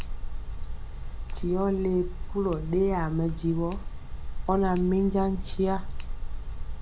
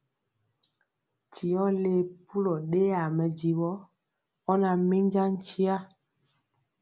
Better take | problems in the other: second | background sound (Tick); 3 dB below the speech

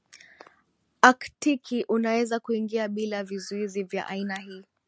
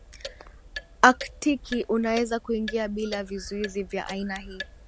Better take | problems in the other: first | background sound (Clock); 14 dB below the speech

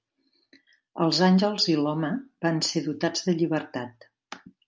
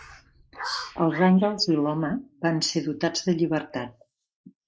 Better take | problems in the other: first | noise reduction (neural mask model Resemble Enhance denoiser)

